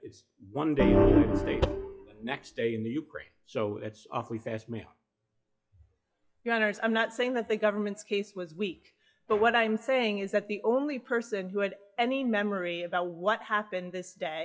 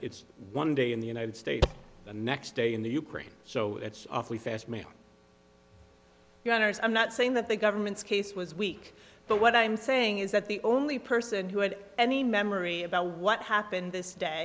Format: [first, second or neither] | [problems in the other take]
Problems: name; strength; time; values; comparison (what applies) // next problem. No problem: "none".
second | noise reduction (classical method WPE with log-MMSE)